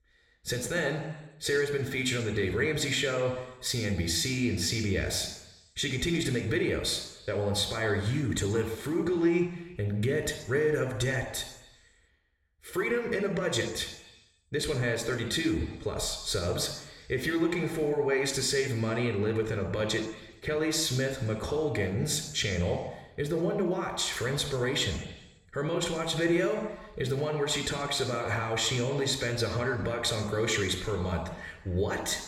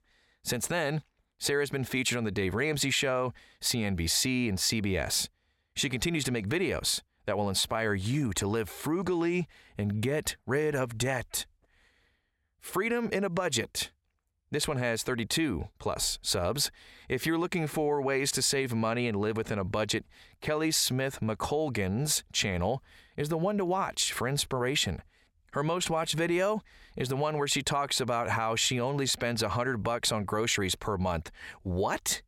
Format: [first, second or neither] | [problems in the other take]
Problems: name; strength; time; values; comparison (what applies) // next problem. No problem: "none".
second | room echo; slight; dies away in 1 s